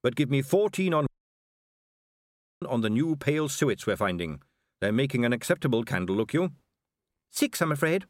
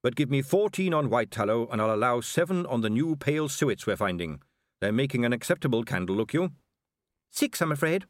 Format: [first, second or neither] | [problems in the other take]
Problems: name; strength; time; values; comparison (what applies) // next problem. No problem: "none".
second | audio cutting out; at 1 s for 1.5 s